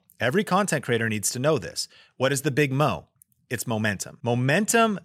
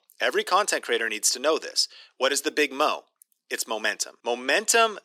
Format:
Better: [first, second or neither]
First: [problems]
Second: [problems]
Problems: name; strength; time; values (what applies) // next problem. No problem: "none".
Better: first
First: none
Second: thin; very; fading below 300 Hz